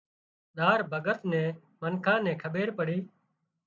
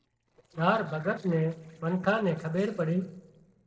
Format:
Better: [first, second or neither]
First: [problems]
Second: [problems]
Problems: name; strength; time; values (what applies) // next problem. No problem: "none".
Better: first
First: none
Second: noise reduction (neural separator model SepFormer DNS4)